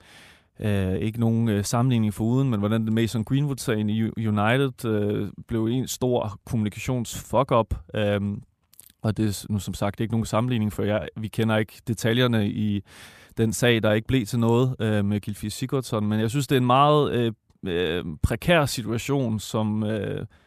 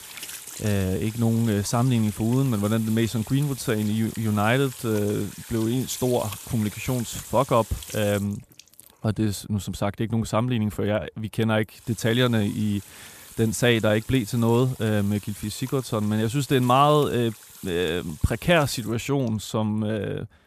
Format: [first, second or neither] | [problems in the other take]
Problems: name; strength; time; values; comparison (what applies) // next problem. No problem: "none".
first | household noises; noticeable; throughout; 15 dB below the speech